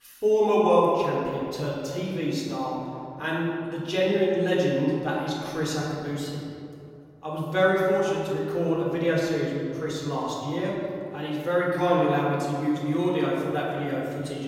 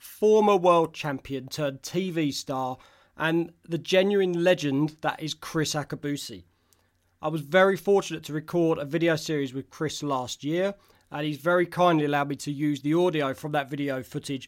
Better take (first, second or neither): second